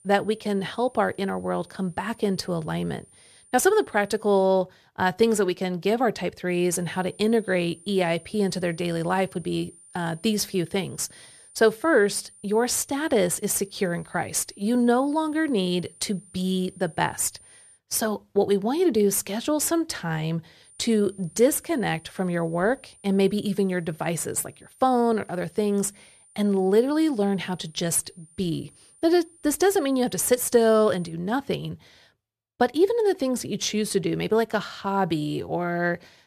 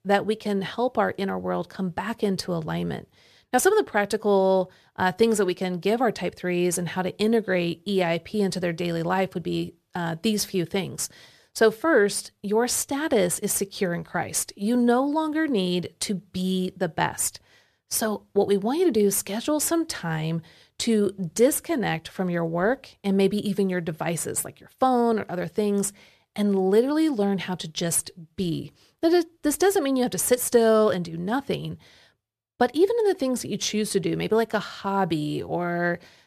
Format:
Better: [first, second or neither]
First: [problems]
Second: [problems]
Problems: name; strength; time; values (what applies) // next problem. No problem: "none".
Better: second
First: high-pitched whine; faint; until 4.5 s, from 6.5 to 18 s and from 21 to 31 s; 9 kHz, 25 dB below the speech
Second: none